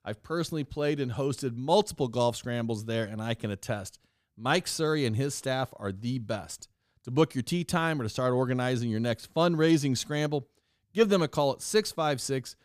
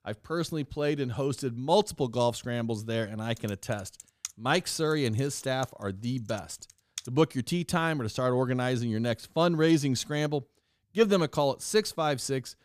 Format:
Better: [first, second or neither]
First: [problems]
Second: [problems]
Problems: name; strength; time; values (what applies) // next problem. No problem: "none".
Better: first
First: none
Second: keyboard typing; faint; from 3.5 to 7 s; peak 10 dB below the speech